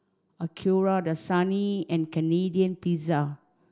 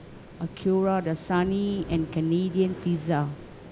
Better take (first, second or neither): first